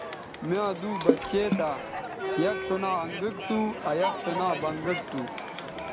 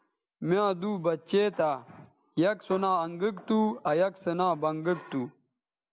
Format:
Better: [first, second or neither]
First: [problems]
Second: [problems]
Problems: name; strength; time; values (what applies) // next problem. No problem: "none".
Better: second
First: background sound (Crowd + Water / Splash, splatter); 2 dB below the speech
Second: none